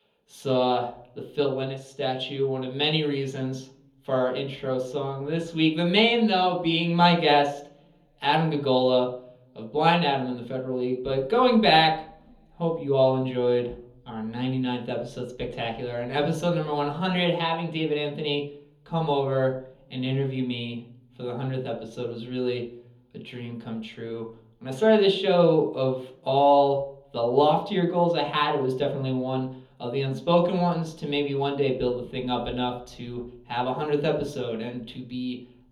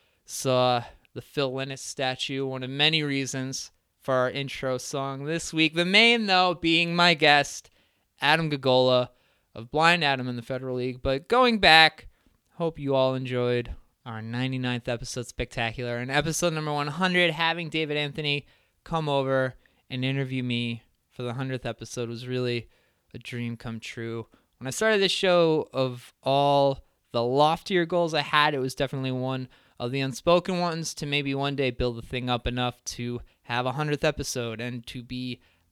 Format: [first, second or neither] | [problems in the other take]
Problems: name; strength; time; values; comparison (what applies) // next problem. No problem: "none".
second | room echo; slight; dies away in 0.7 s // off-mic speech; far